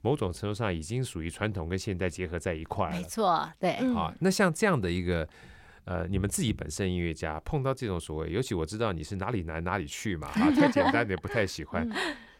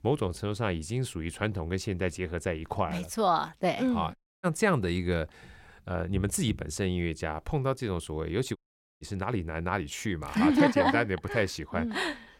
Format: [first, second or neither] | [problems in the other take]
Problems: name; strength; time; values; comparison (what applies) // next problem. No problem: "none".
first | audio cutting out; at 4 s and at 8.5 s